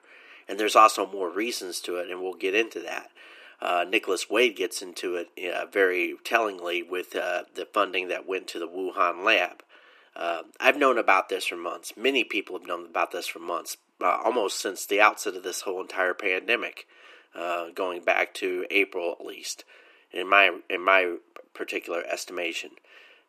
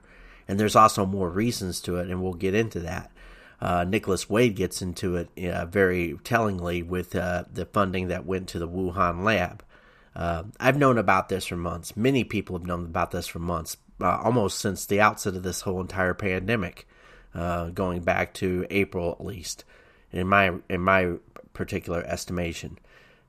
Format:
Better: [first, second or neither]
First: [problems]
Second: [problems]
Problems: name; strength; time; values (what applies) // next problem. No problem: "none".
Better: second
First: thin; somewhat; fading below 300 Hz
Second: none